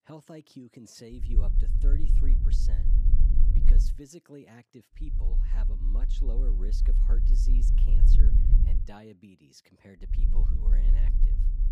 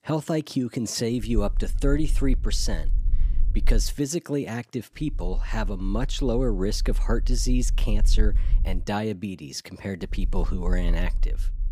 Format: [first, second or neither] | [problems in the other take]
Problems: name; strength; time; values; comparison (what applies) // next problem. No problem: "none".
second | low rumble; loud; from 1.5 to 4 s, from 5 to 9 s and from 10 s on; as loud as the speech; faint in the second